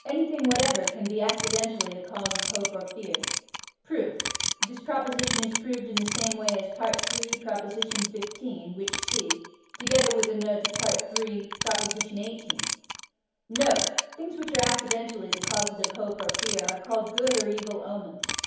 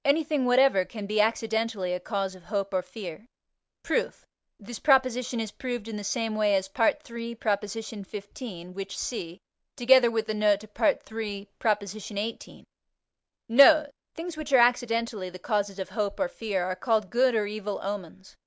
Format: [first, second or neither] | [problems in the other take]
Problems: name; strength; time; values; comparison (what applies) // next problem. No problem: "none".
second | background sound (Clock); 1 dB below the speech // room echo; dies away in 2.2 s